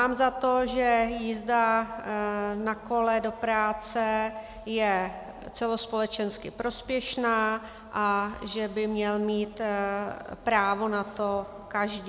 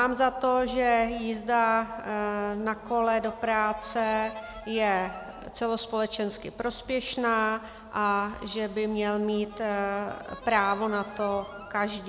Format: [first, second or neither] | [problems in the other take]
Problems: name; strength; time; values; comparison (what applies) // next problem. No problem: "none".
first | background sound (Harmonica); 19 dB below the speech